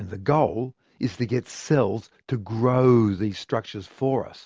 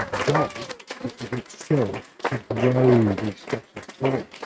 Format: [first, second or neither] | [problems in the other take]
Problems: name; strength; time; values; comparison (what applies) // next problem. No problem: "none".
first | noise reduction (neural mask model RNNoise)